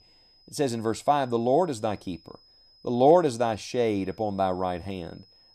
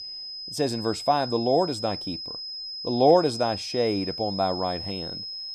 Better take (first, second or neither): first